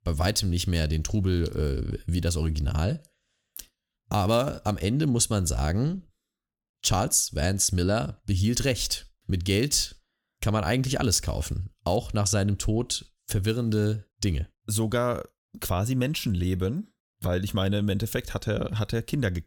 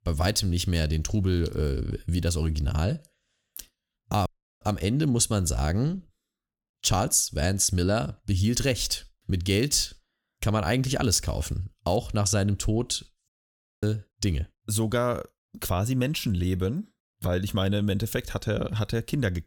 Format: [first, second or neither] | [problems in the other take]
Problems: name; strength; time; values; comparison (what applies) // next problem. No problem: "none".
first | audio cutting out; at 4.5 s and at 13 s for 0.5 s